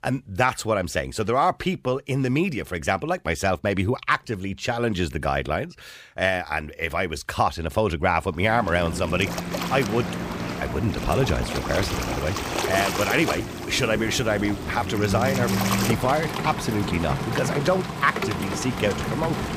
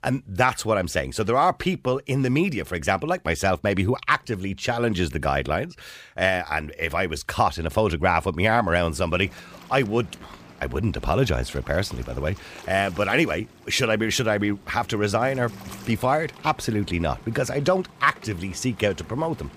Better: second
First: rain or running water; loud; from 8.5 s on; 3 dB below the speech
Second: rain or running water; faint; from 8.5 s on; 20 dB below the speech

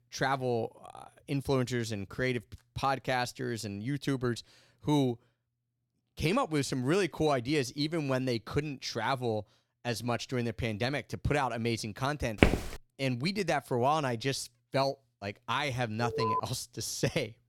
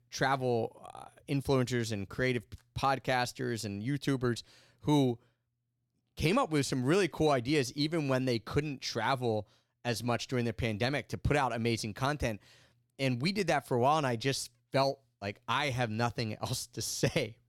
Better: second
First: footsteps; loud; at 12 s; peak 5 dB above the speech // alarm; loud; at 16 s; peak level with the speech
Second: none

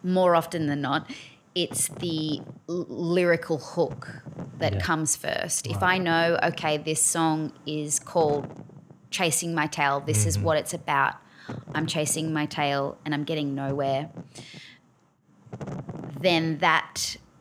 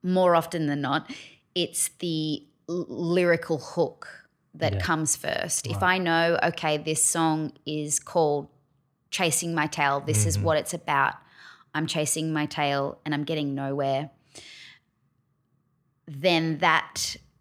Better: second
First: wind noise on the microphone; occasional gusts; 20 dB below the speech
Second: none

